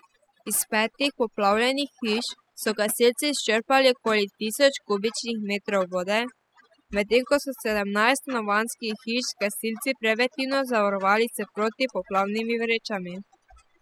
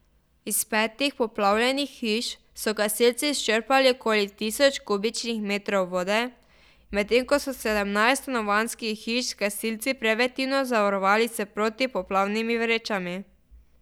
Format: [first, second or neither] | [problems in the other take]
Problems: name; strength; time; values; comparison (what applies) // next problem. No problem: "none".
second | noise reduction (classical method spectral subtraction)